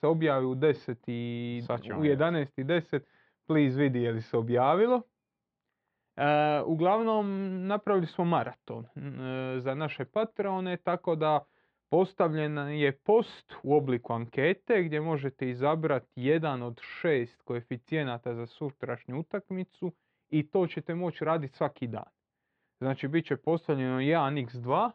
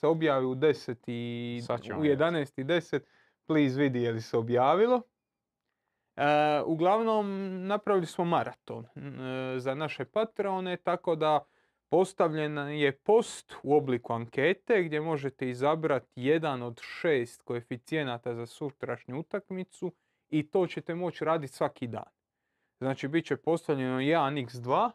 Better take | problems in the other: second | muffled; slightly; fading above 4 kHz

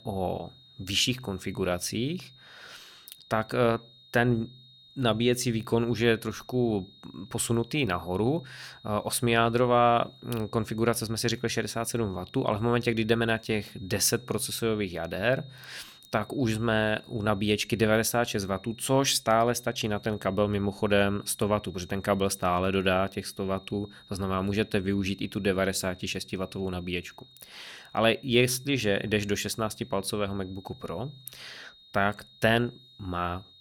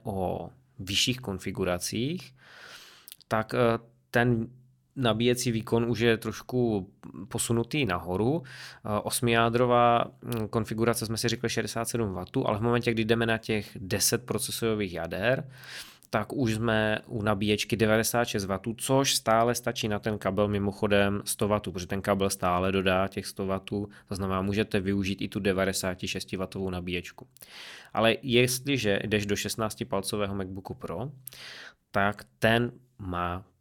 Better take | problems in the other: second | high-pitched whine; faint; throughout; 3.5 kHz, 25 dB below the speech

